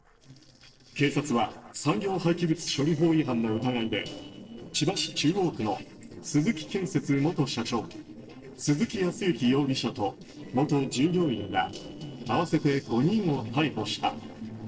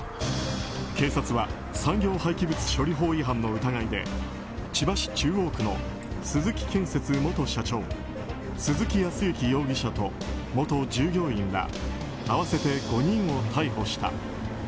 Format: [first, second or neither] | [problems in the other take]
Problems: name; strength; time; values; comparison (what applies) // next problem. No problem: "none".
second | noise reduction (neural separator model SepFormer DNS4)